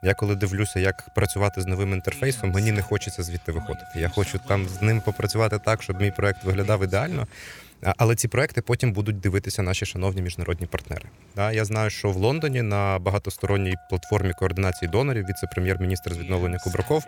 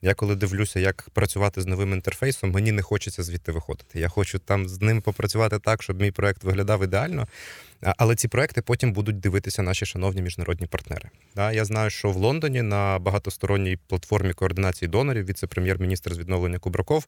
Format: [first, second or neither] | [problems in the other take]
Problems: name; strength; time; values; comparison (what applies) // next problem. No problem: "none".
second | traffic noise; noticeable; throughout; 20 dB below the speech